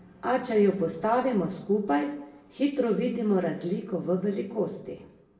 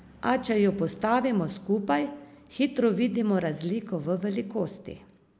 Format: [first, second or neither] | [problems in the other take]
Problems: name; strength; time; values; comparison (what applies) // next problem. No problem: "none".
second | room echo; dies away in 0.7 s